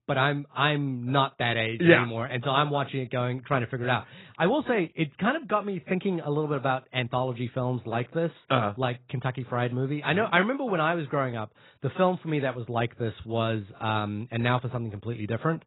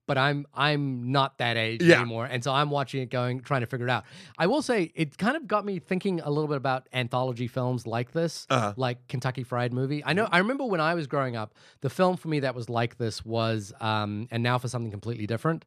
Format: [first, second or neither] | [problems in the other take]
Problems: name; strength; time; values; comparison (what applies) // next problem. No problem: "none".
second | garbled, watery; badly; nothing above 4 kHz